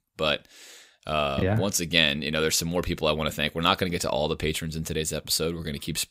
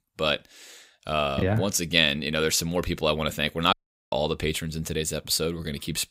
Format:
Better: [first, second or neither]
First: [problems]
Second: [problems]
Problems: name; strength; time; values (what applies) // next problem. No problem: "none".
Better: first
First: none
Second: audio cutting out; at 3.5 s